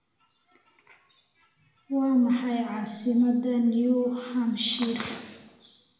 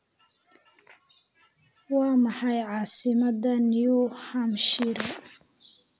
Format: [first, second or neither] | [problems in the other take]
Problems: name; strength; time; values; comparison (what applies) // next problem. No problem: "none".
second | room echo; dies away in 1.2 s